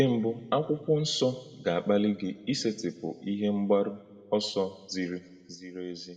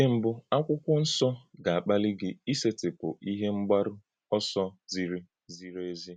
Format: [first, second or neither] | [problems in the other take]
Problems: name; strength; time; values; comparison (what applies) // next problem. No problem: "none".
second | room echo; dies away in 1.2 s